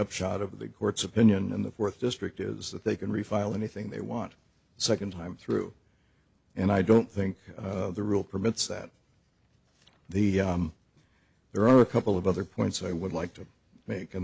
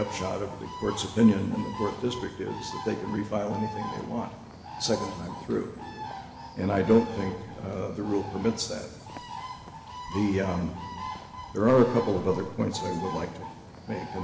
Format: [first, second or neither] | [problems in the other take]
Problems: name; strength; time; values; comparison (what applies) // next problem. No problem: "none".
first | background sound (Bird); 11 dB below the speech // room echo; dies away in 1.7 s